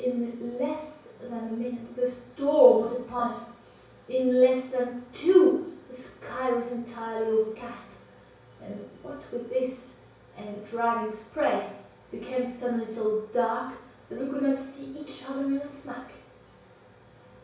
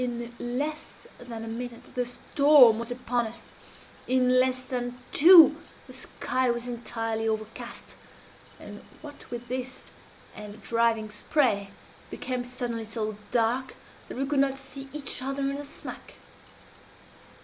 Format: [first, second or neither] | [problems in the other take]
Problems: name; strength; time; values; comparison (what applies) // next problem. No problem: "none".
second | room echo; dies away in 0.6 s